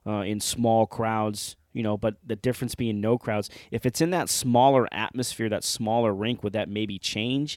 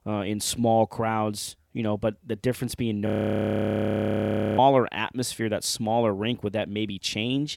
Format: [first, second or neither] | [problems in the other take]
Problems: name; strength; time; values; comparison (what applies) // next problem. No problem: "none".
first | audio freezing; at 3 s for 1.5 s